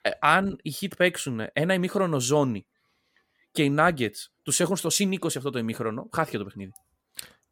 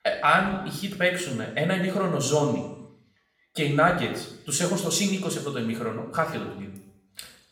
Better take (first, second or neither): first